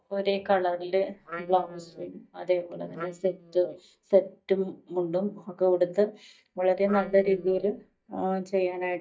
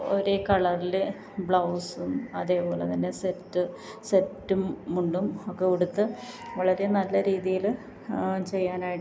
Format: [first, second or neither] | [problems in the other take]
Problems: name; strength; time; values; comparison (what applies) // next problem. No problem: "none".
second | noise reduction (neural mask model DeepFilterNet 3)